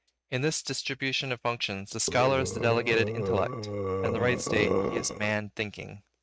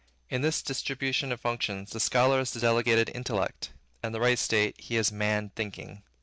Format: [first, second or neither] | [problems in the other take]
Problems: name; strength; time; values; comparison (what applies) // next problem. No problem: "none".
second | noise reduction (neural mask model RNNoise)